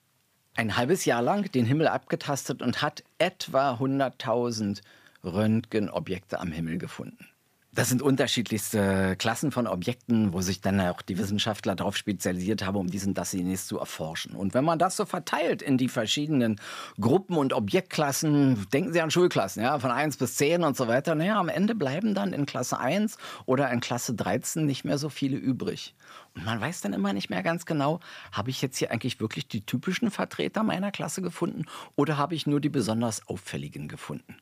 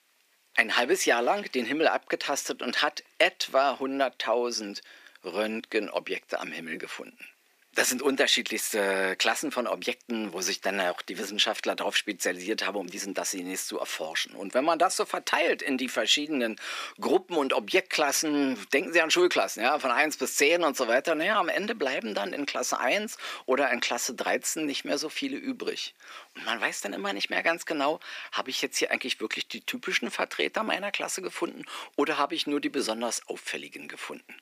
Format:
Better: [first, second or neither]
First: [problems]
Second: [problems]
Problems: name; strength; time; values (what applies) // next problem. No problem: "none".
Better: first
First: none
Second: thin; somewhat; fading below 300 Hz